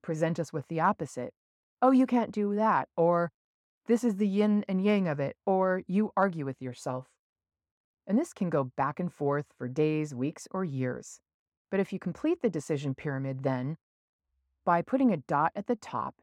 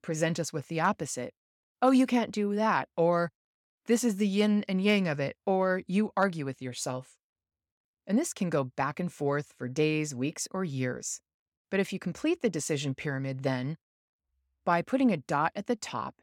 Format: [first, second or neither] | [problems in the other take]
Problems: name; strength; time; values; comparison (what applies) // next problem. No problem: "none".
second | muffled; slightly; fading above 2 kHz